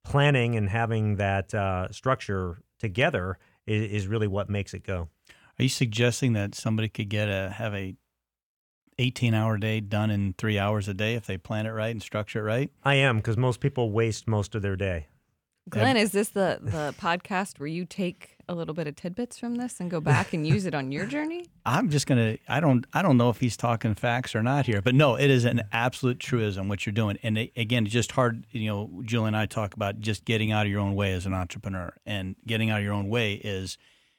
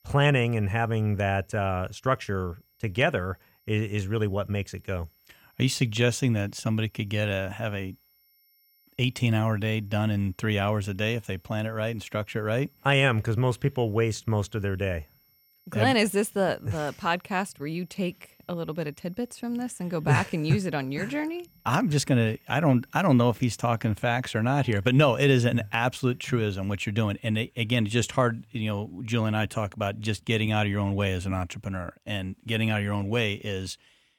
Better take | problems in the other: first | high-pitched whine; faint; until 27 s; 12 kHz, 35 dB below the speech

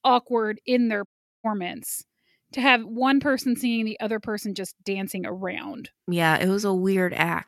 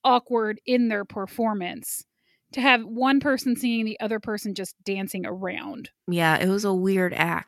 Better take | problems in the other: second | audio cutting out; at 1 s

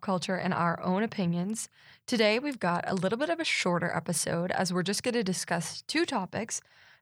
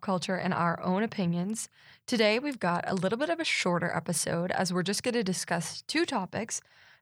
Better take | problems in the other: neither | none

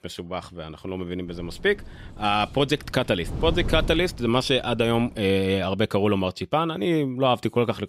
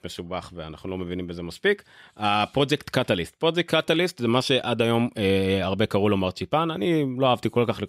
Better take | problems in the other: second | wind noise on the microphone; occasional gusts; from 1.5 to 5 s; 20 dB below the speech

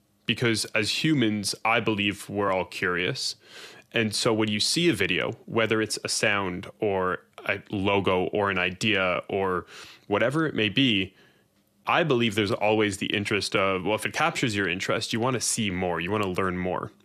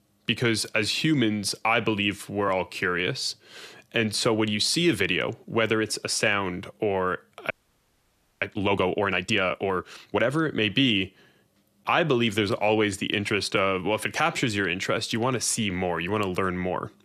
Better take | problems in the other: first | audio freezing; at 7.5 s for 1 s

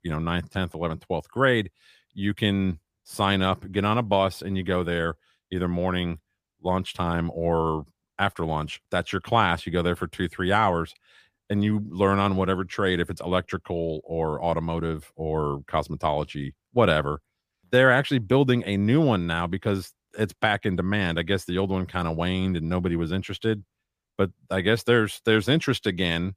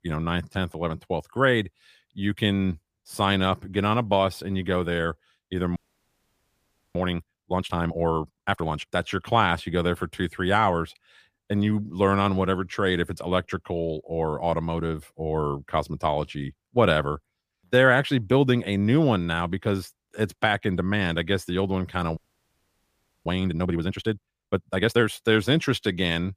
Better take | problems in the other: first | audio freezing; at 6 s for 1 s and at 22 s for 1 s

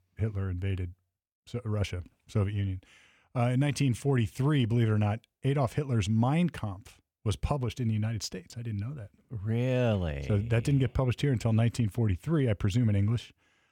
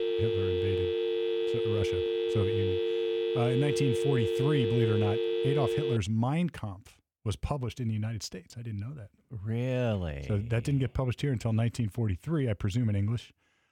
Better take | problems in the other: first | phone ringing; loud; until 6 s; peak 2 dB above the speech

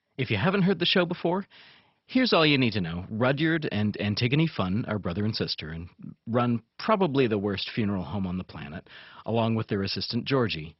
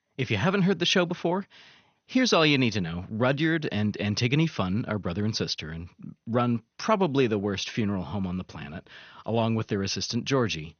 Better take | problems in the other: second | garbled, watery; badly; nothing above 5.5 kHz; slightly in the second

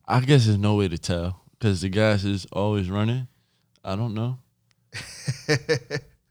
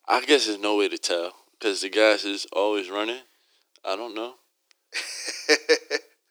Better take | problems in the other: first | thin; very; fading below 300 Hz

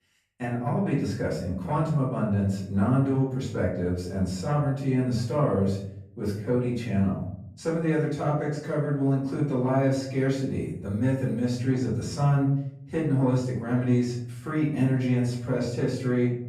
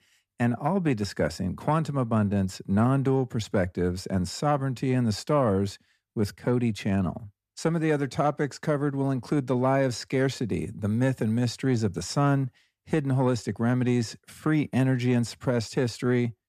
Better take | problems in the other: second | off-mic speech; far // room echo; noticeable; dies away in 0.7 s

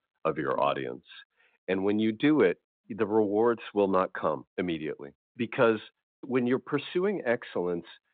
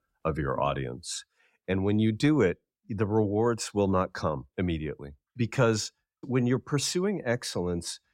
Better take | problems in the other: second | phone-call audio; nothing above 3.5 kHz

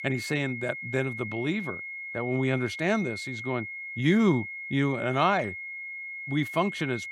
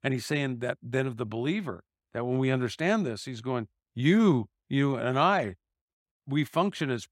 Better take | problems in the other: second | high-pitched whine; loud; throughout; 2 kHz, 7 dB below the speech

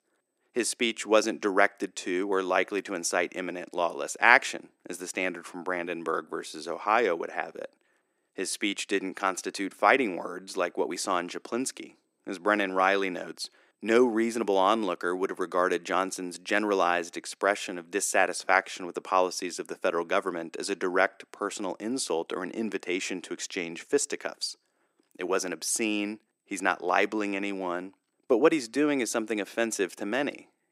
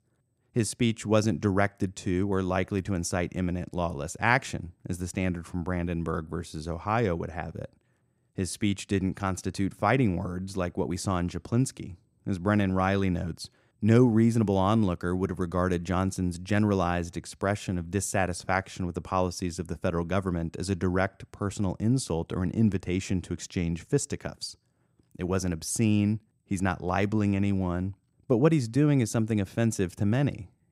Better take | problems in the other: second | thin; somewhat; fading below 300 Hz

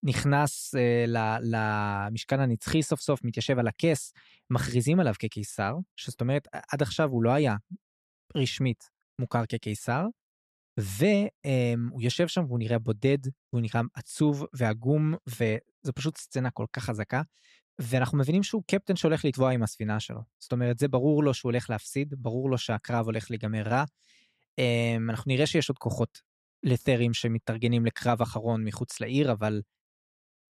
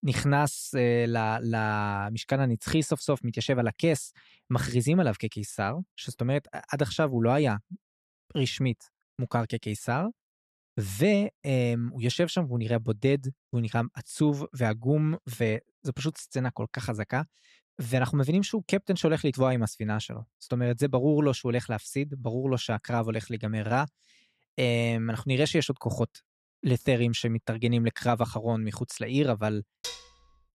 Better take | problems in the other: first | clattering dishes; noticeable; at 30 s; peak 9 dB below the speech

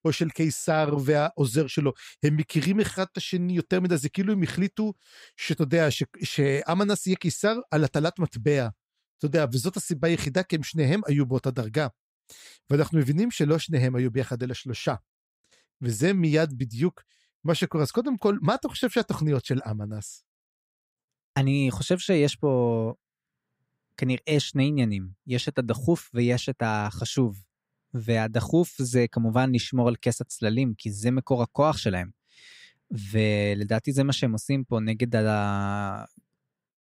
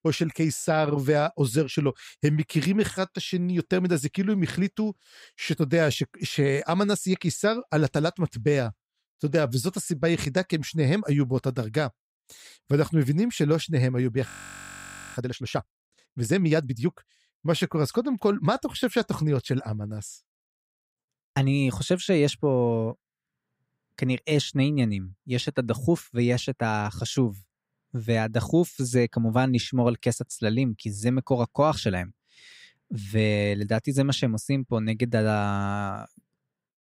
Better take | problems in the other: first | audio freezing; at 14 s for 1 s

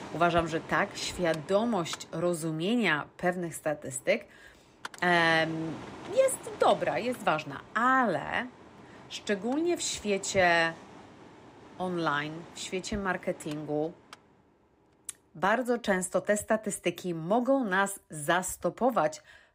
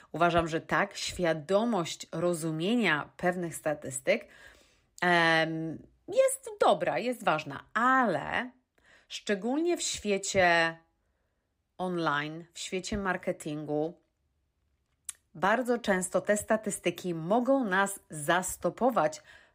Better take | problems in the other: second | machinery noise; noticeable; until 16 s; 20 dB below the speech

